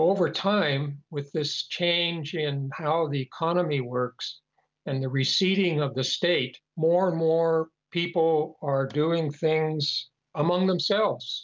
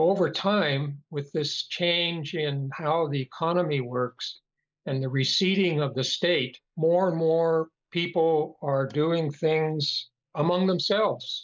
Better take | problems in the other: first | noise reduction (neural mask model Resemble Enhance denoiser)

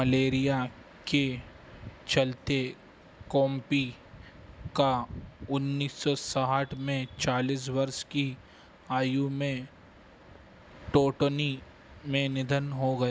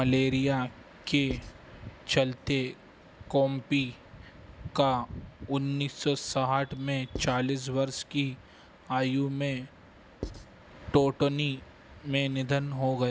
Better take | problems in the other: first | background sound (Writing); 12 dB below the speech

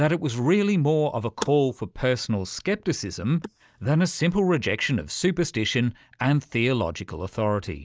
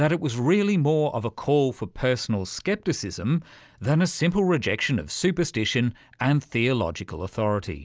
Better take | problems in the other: second | noise reduction (neural mask model DeepFilterNet 3)

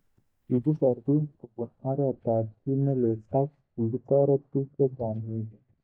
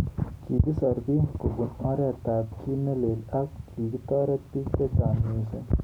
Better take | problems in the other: second | noise reduction (neural mask model DeepFilterNet 3)

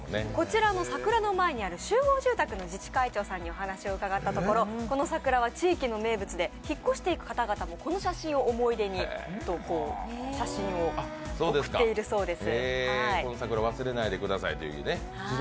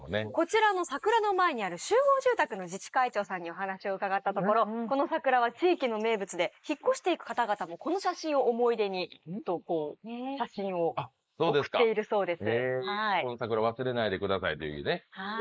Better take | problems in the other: first | noise reduction (neural mask model Resemble Enhance denoiser)

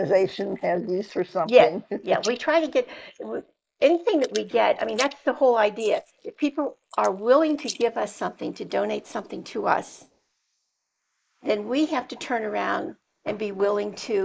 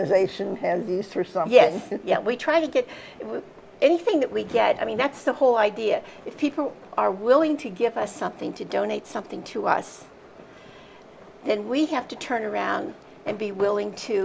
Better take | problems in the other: second | noise reduction (neural mask model Resemble Enhance denoiser)

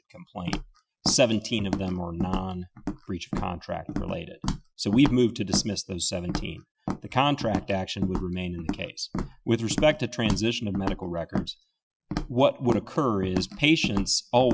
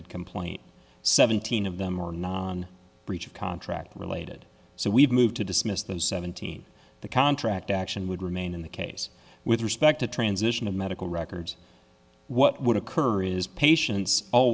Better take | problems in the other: second | noise reduction (classical method Wiener filter)

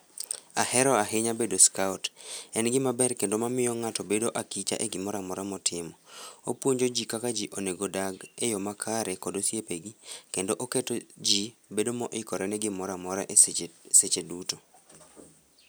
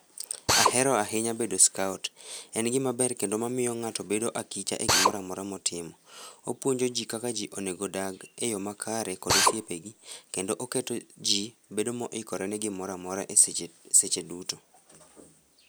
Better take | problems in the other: first | background sound (Drill); 4 dB above the speech

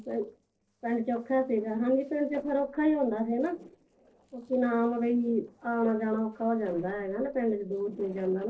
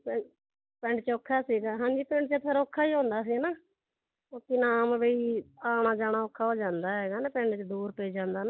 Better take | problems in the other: second | noise reduction (neural separator model SepFormer DNS4)

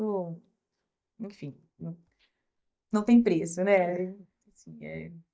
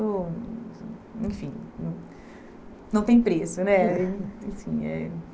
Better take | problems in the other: second | noise reduction (neural mask model DeepFilterNet 3)

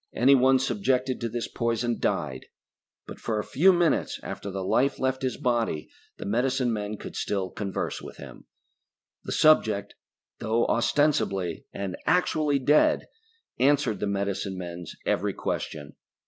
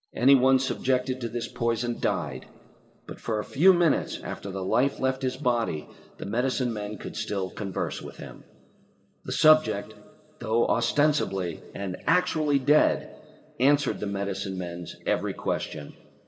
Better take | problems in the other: first | room echo; dies away in 1.9 s

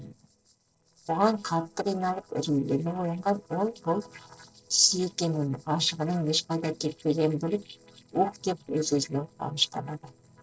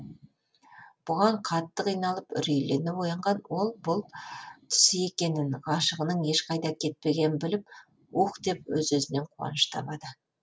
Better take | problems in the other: second | noise reduction (neural separator model SepFormer DNS4)

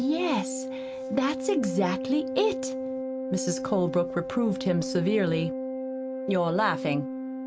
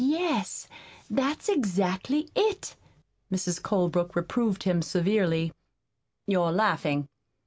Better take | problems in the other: second | background sound (Organ); 5 dB below the speech

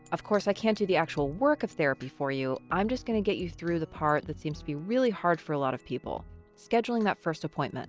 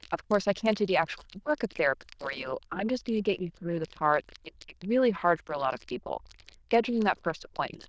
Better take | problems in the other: first | noise reduction (neural diffusion model UNIVERSE++)

